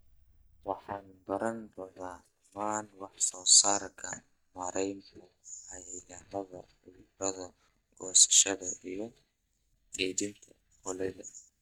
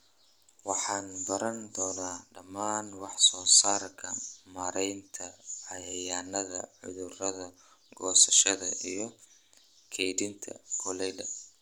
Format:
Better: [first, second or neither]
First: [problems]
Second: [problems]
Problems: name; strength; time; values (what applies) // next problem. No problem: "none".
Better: second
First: noise reduction (neural mask model DeepFilterNet 3)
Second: none